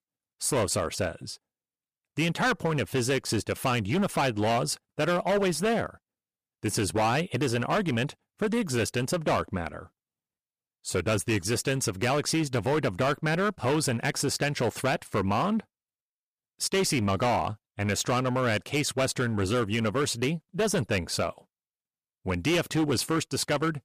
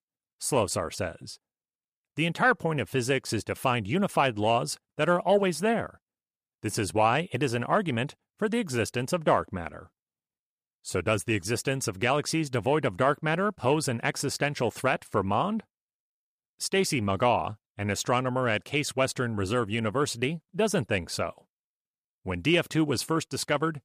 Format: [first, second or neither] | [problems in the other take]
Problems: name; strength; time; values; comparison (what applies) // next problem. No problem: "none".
second | distortion; heavy; 11% of the sound clipped